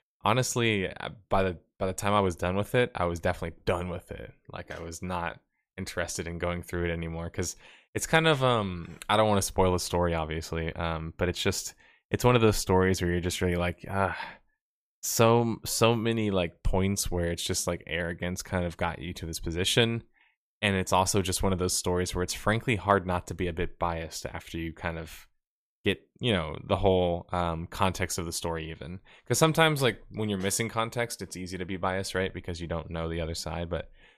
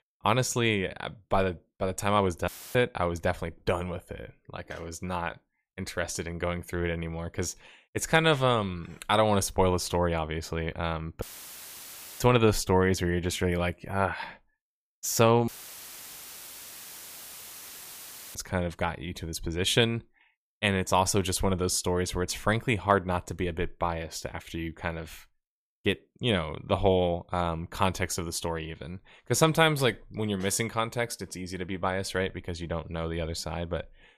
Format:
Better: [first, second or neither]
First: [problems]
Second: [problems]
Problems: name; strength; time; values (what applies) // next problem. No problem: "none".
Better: first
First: none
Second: audio cutting out; filled with static; at 2.5 s, at 11 s for 1 s and at 15 s for 3 s